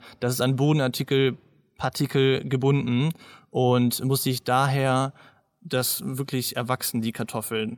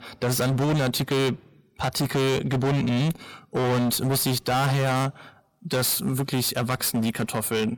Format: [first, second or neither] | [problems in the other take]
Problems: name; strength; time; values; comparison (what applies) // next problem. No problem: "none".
first | distortion; heavy; 29% of the sound clipped